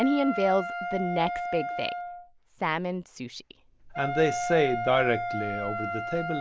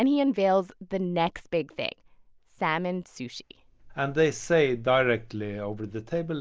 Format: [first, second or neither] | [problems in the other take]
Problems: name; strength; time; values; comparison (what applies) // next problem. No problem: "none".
second | background sound (Wind instrument, woodwind instrument); 5 dB below the speech